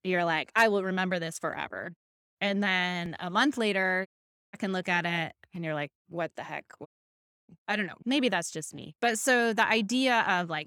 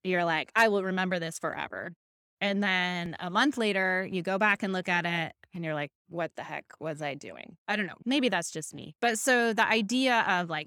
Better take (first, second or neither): second